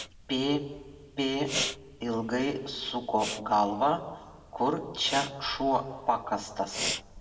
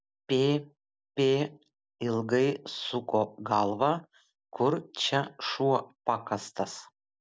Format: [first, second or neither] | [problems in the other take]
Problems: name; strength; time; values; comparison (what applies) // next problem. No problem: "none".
second | background sound (Respiratory sounds); 9 dB below the speech // room echo; dies away in 1.1 s